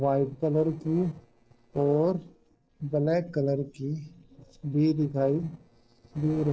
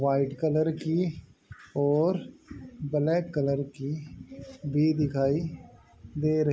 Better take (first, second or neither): second